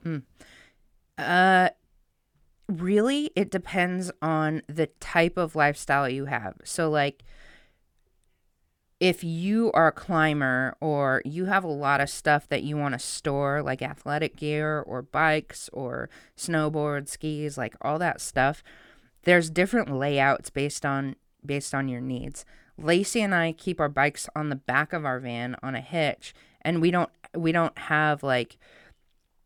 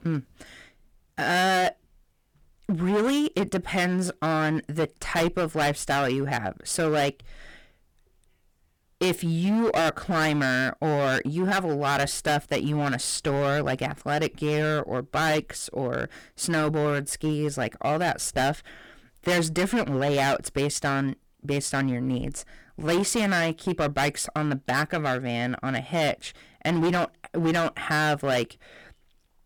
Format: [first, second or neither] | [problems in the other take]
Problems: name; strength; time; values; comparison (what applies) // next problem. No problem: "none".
first | distortion; heavy; 13% of the sound clipped